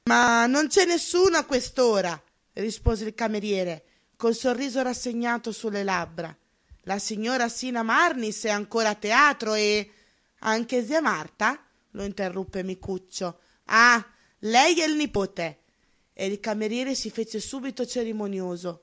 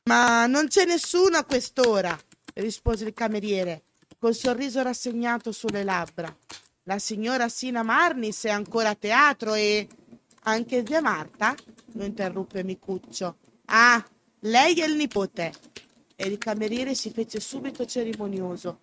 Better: first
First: none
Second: noise reduction (neural mask model RNNoise)

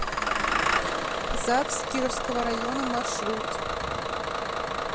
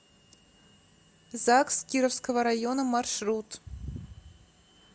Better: second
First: background sound (Engine starting / Bus); 4 dB above the speech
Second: none

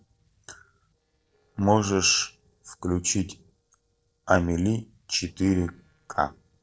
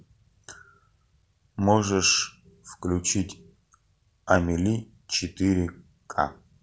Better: second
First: noise reduction (neural separator model SepFormer DNS4)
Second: none

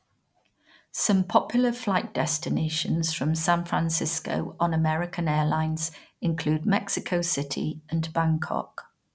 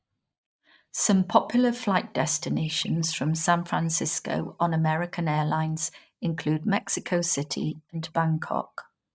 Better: first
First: none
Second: noise reduction (neural mask model DeepFilterNet 3)

